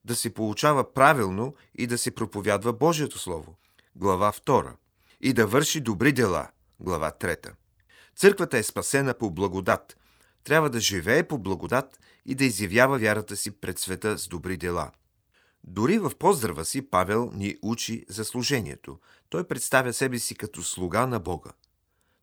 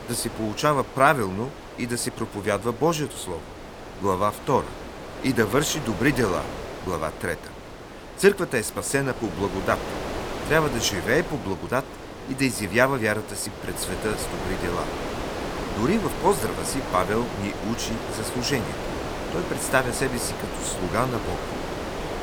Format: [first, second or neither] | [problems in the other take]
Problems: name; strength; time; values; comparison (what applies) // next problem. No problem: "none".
first | wind noise on the microphone; heavy; 8 dB below the speech